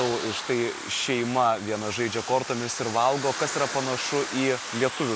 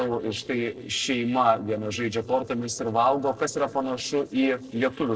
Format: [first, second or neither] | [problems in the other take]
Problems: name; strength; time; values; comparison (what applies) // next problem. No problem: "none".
first | noise reduction (neural separator model SepFormer DNS4)